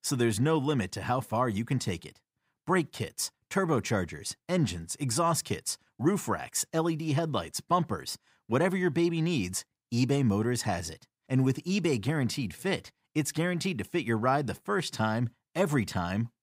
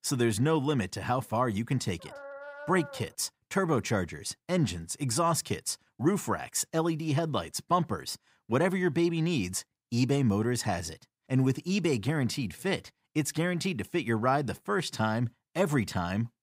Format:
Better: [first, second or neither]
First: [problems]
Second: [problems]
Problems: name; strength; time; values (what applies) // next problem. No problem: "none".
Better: first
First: none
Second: dog barking; faint; from 2 to 3 s; peak 15 dB below the speech